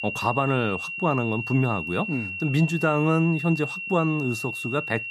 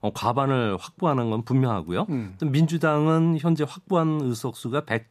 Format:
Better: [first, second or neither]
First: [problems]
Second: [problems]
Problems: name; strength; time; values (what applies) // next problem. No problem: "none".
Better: second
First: high-pitched whine; loud; throughout; 2.5 kHz, 5 dB below the speech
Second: none